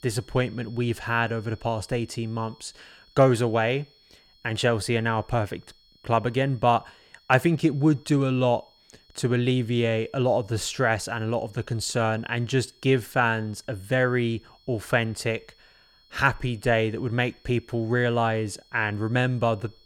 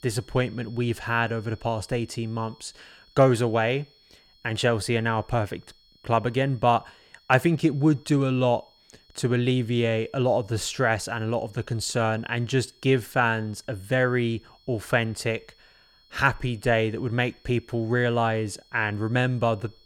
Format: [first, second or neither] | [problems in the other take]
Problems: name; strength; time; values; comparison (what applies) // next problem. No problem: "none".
neither | high-pitched whine; faint; throughout; 4.5 kHz, 30 dB below the speech; the same in both